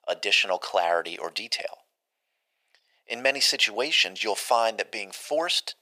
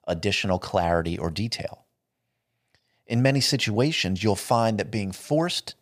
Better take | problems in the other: second | thin; very; fading below 500 Hz

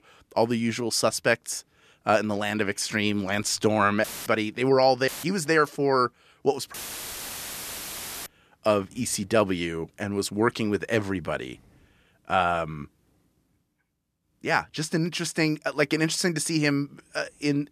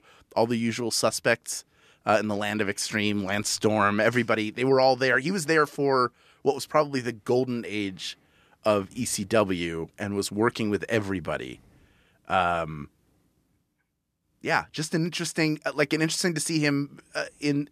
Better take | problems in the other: second | audio cutting out; filled with static; at 4 s, at 5 s and at 6.5 s for 1.5 s

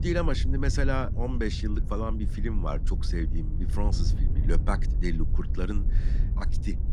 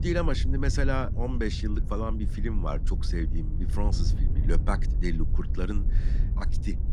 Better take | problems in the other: neither | wind noise on the microphone; occasional gusts; 10 dB below the speech; the same in both

